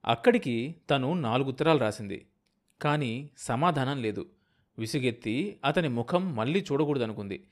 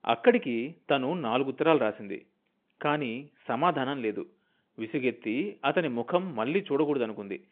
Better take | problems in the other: first | phone-call audio; nothing above 3.5 kHz

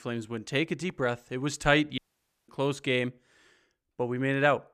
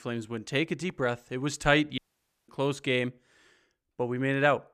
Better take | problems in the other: neither | audio cutting out; at 2 s for 0.5 s; the same in both

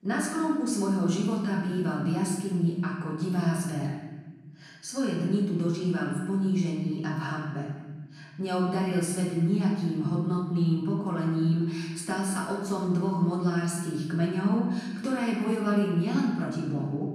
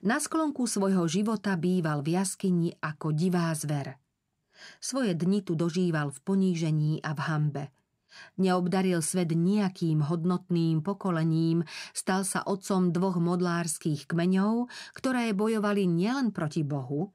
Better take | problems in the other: second | room echo; noticeable; dies away in 1.2 s // off-mic speech; far

